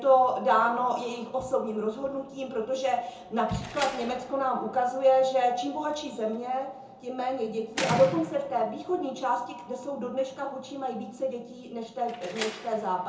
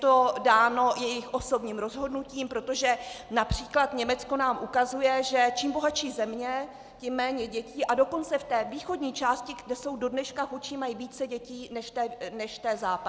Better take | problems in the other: second | background sound (Slam); 15 dB below the speech // room echo; dies away in 0.5 s

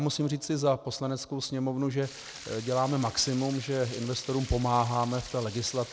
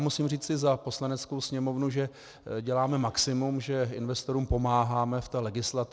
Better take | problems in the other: second | background sound (Stream); 15 dB below the speech

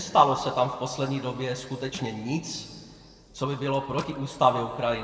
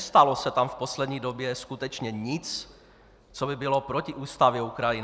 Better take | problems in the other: second | background sound (Crushing); 19 dB below the speech // room echo; dies away in 2 s

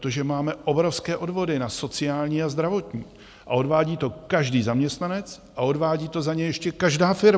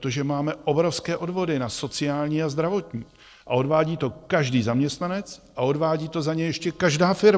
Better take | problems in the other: first | noise reduction (neural separator model SepFormer DNS4)

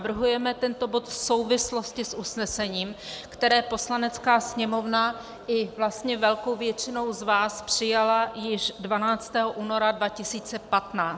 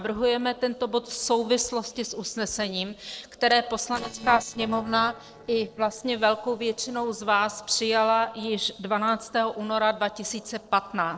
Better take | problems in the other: first | noise reduction (neural separator model SepFormer DNS4)

